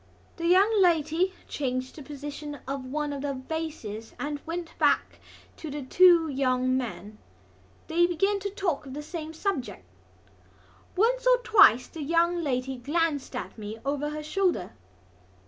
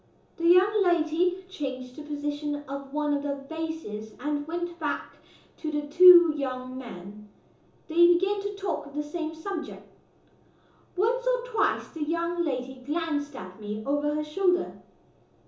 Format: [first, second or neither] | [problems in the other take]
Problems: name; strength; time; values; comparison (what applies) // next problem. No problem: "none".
first | room echo; dies away in 1.2 s